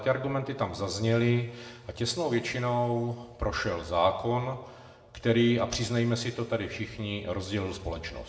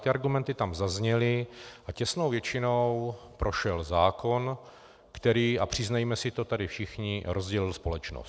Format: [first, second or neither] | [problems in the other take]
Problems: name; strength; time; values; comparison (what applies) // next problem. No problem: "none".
second | room echo; dies away in 1.3 s